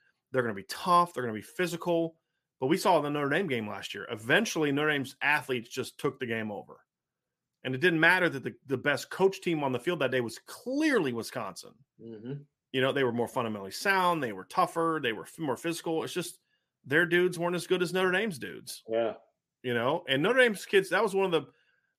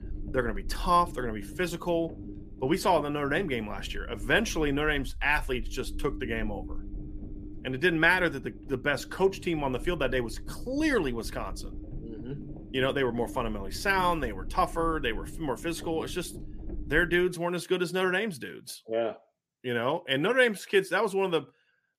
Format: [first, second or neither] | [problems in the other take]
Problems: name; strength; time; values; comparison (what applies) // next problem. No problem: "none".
first | low rumble; faint; until 17 s; 20 dB below the speech